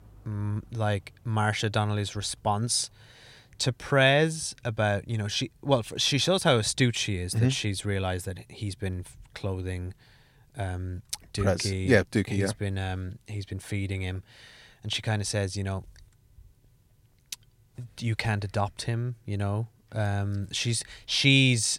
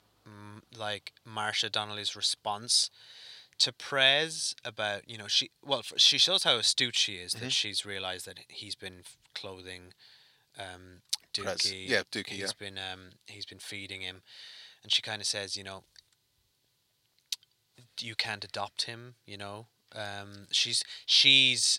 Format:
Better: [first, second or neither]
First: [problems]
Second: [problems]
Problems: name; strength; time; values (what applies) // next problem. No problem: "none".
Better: first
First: none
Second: thin; somewhat; fading below 850 Hz